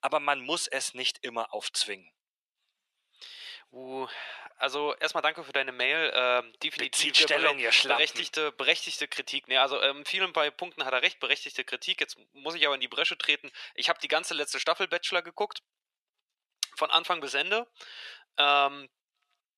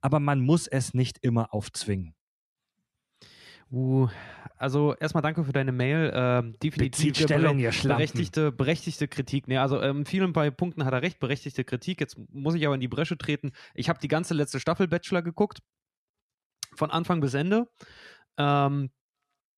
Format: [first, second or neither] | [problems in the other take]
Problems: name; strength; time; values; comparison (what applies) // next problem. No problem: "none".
second | thin; very; fading below 550 Hz